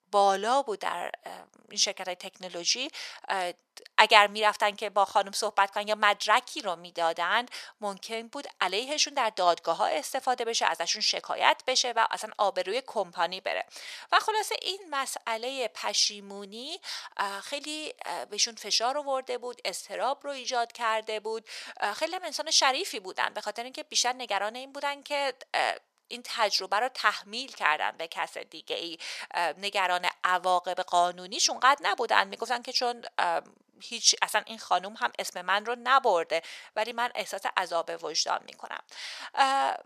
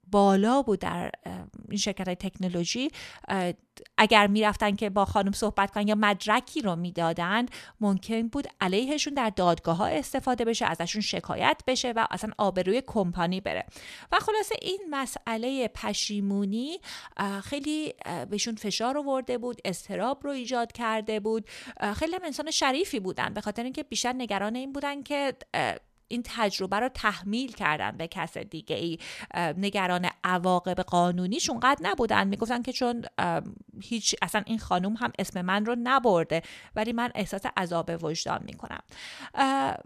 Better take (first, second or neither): second